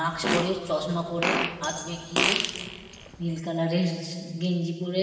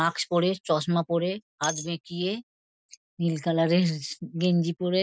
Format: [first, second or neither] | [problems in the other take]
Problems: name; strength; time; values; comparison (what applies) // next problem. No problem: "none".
second | background sound (Fart); 1 dB below the speech // room echo; dies away in 1.6 s